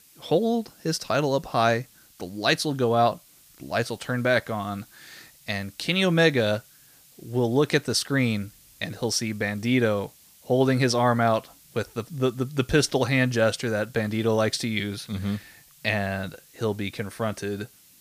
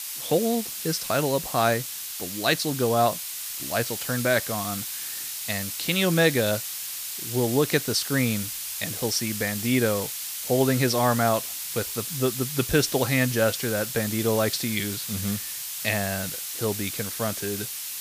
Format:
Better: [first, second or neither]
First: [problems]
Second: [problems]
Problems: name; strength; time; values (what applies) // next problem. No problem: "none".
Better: first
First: hiss; faint; throughout; 25 dB below the speech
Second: hiss; loud; throughout; 5 dB below the speech